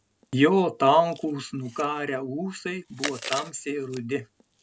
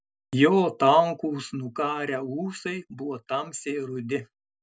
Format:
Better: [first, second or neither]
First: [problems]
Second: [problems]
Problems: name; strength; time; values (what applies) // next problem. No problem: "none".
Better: second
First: background sound (Chewing, mastication); 16 dB below the speech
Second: none